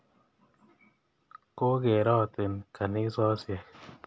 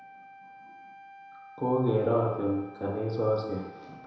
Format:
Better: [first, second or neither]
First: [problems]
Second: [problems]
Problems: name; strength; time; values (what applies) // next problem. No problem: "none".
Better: first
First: none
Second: background sound (Wind instrument, woodwind instrument); 19 dB below the speech // room echo; dies away in 1 s